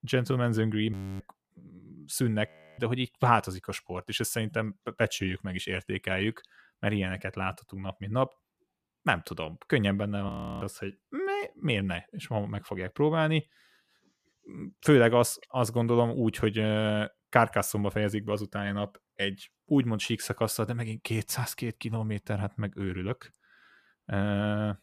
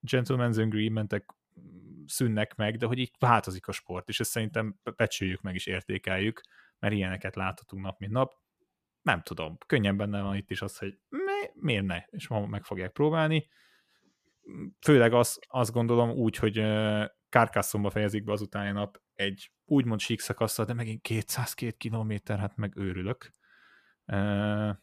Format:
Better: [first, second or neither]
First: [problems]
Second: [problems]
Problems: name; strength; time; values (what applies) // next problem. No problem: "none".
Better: second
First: audio freezing; at 1 s, at 2.5 s and at 10 s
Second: none